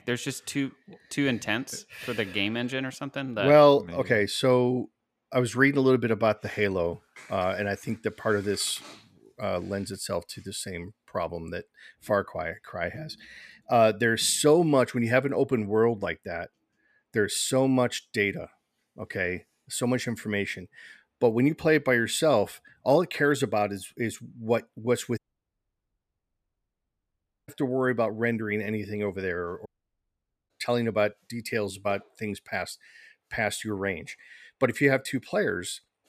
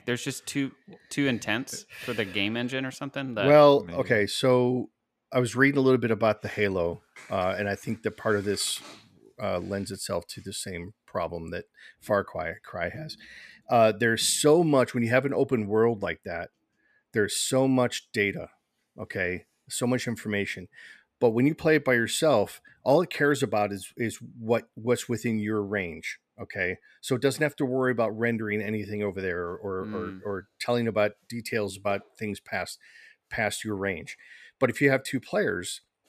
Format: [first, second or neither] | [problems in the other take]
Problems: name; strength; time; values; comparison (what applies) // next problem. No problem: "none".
second | audio cutting out; at 25 s for 2.5 s and at 30 s for 1 s